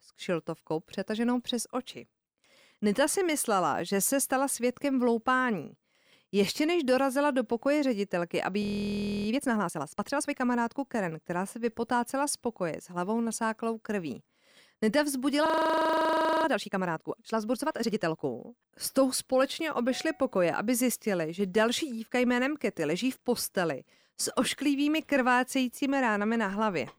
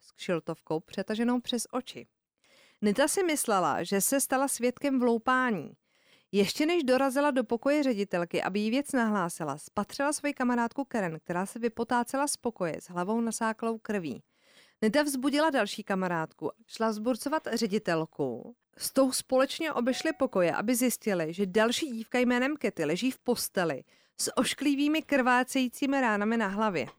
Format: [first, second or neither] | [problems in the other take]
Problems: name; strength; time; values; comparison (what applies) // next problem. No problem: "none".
second | audio freezing; at 8.5 s for 0.5 s and at 15 s for 1 s